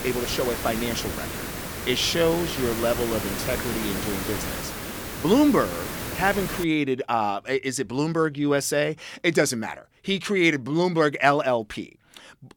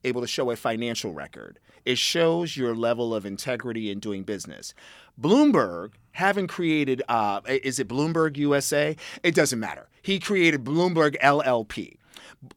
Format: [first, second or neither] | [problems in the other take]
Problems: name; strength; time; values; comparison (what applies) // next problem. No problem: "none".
second | hiss; loud; until 6.5 s; 6 dB below the speech